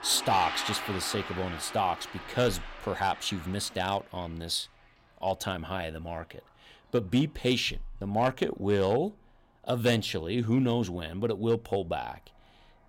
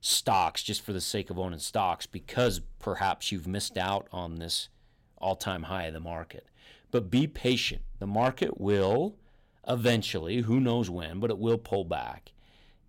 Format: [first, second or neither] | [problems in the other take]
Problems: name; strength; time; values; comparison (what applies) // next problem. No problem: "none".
second | household noises; loud; throughout; 9 dB below the speech